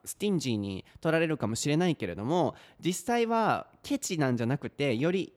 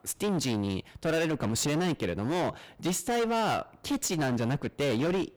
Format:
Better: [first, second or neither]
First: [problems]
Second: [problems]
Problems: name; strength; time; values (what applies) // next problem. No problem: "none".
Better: first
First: none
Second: distortion; heavy; 24% of the sound clipped